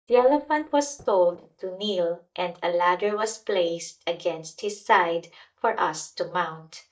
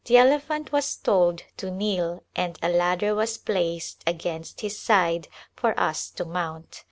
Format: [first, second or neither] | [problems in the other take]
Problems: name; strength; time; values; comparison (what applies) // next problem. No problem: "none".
second | noise reduction (neural mask model DeepFilterNet 3)